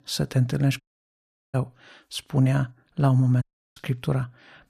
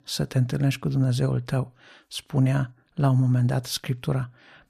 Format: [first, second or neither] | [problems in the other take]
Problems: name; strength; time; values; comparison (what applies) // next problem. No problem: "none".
second | audio cutting out; at 1 s for 0.5 s and at 3.5 s